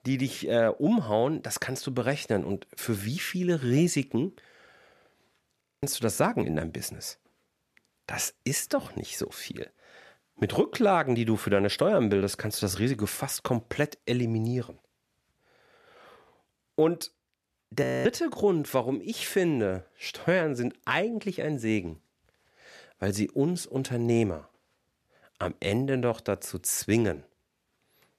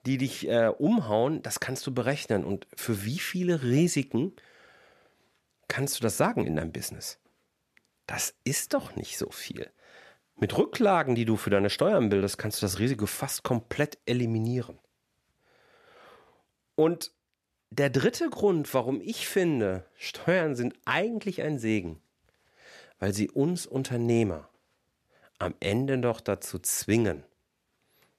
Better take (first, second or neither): second